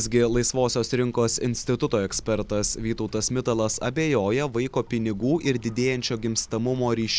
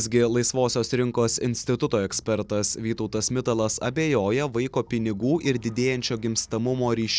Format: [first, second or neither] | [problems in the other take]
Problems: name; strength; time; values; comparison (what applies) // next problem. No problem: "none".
second | background sound (Rain); 19 dB below the speech